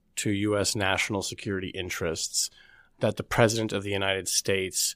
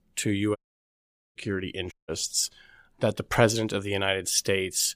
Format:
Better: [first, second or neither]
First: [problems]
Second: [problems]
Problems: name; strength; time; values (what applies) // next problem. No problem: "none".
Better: first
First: none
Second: audio cutting out; at 0.5 s for 1 s and at 2 s